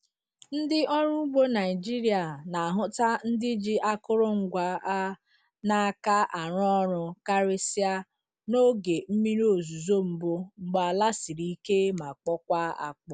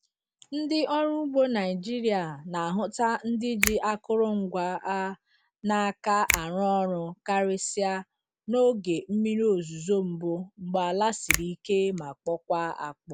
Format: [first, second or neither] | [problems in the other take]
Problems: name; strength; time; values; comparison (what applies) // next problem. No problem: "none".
first | background sound (Finger snapping); 6 dB below the speech